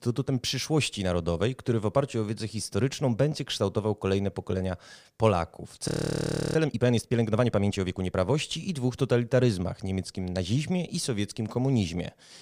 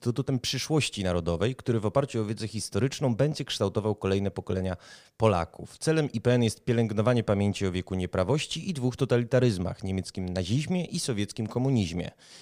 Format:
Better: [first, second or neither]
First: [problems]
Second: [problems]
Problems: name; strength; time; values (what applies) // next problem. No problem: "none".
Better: second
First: audio freezing; at 6 s for 0.5 s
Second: none